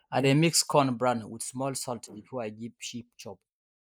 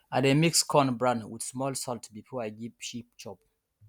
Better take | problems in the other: second | noise reduction (neural mask model Resemble Enhance denoiser)

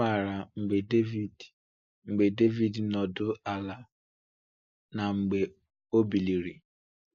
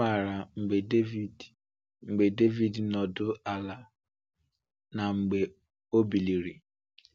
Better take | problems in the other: second | noise reduction (neural mask model Resemble Enhance denoiser)

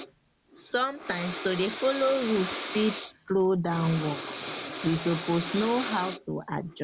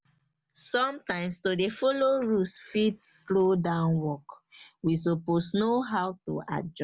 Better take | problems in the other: second | background sound (Breathing); 9 dB below the speech

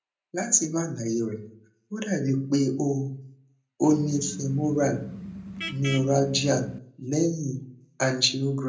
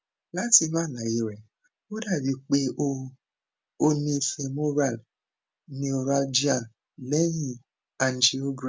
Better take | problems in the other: second | background sound (Vehicle horn, car horn, honking); 11 dB below the speech // room echo; dies away in 0.5 s

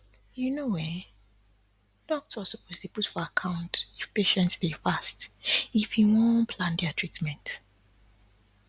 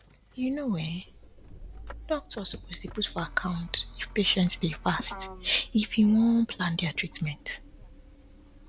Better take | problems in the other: first | background sound (Motor vehicle (road)); 16 dB below the speech

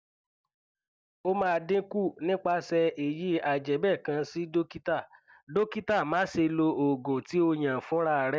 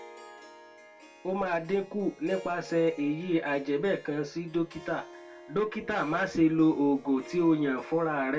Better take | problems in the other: first | background sound (Harp); 19 dB below the speech // room echo; dies away in 0.2 s

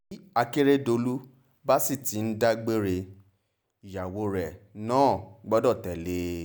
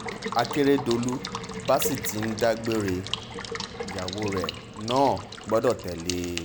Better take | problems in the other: first | background sound (Water tap, faucet / Water / Liquid); 8 dB below the speech

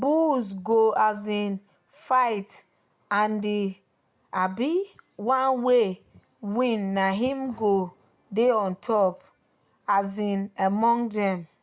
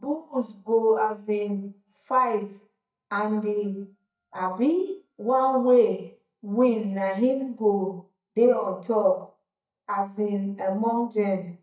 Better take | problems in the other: first | noise reduction (neural mask model DeepFilterNet 3)

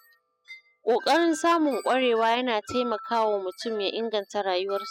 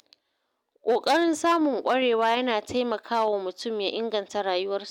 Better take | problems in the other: second | noise reduction (classical method spectral subtraction)

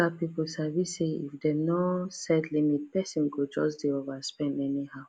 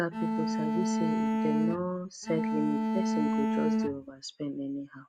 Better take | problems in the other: first | noise reduction (neural mask model RNNoise)

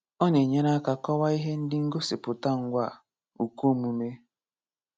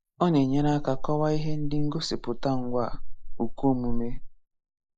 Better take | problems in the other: first | noise reduction (neural mask model Resemble Enhance denoiser)

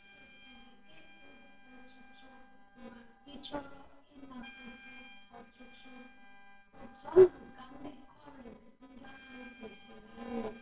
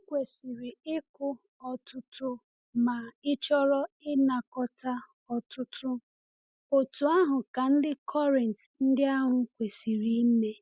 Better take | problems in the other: second | noise reduction (neural separator model SepFormer WHAMR!)

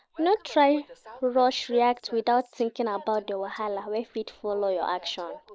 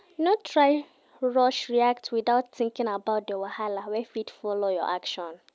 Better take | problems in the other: second | noise reduction (neural mask model Resemble Enhance denoiser)

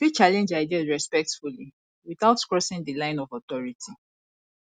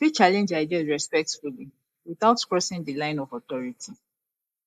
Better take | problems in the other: first | noise reduction (neural mask model Resemble Enhance denoiser)

